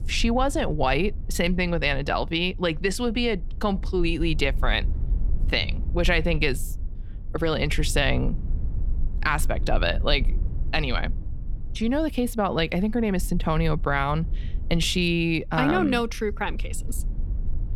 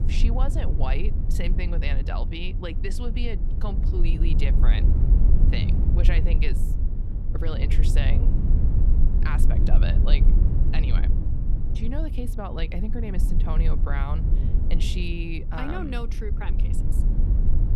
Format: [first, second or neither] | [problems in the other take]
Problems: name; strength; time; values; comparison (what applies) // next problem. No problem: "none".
first | low rumble; loud; throughout; 5 dB below the speech; faint in the first